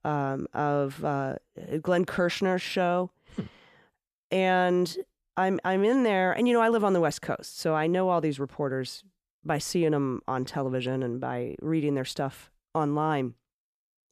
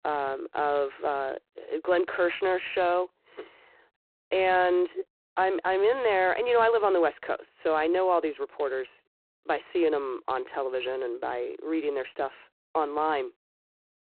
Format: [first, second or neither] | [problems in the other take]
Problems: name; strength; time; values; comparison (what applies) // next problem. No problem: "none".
first | phone-call audio; poor line; nothing above 4 kHz